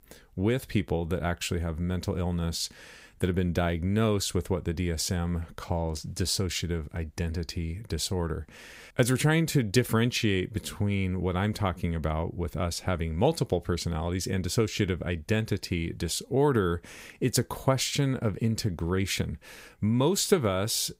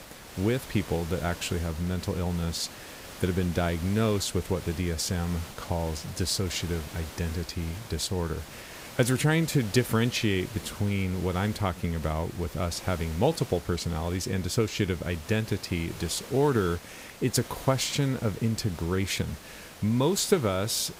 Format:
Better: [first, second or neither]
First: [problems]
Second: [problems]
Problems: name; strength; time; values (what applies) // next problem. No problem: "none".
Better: first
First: none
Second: hiss; noticeable; throughout; 15 dB below the speech